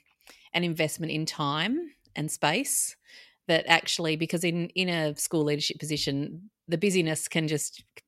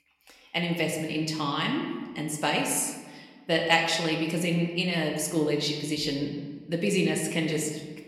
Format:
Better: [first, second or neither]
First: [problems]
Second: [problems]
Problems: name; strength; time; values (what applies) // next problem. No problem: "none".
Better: first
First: none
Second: room echo; slight; dies away in 1.2 s